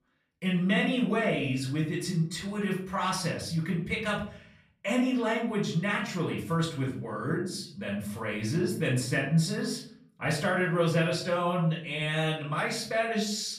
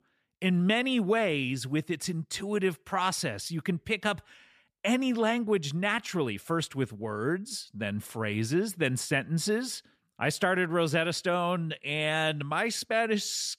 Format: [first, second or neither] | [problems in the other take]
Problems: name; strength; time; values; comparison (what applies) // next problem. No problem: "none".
second | off-mic speech; far // room echo; slight; dies away in 0.5 s